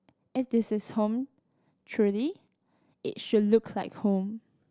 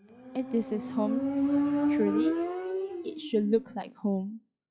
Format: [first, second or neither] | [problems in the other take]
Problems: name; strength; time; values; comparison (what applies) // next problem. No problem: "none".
first | noise reduction (classical method log-MMSE)